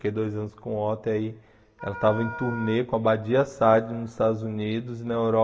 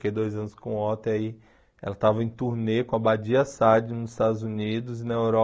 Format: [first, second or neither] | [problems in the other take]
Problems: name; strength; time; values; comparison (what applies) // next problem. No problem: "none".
second | background sound (Wind instrument, woodwind instrument); 15 dB below the speech // room echo; dies away in 1.3 s